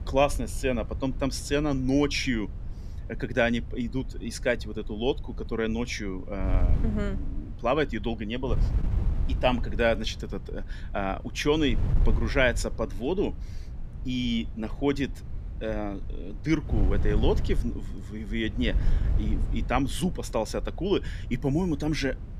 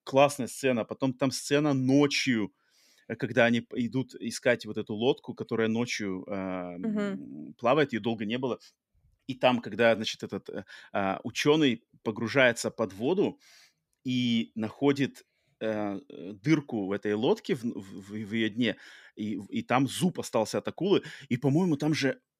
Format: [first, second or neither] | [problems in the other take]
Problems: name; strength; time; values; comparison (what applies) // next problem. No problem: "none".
second | wind noise on the microphone; occasional gusts; 20 dB below the speech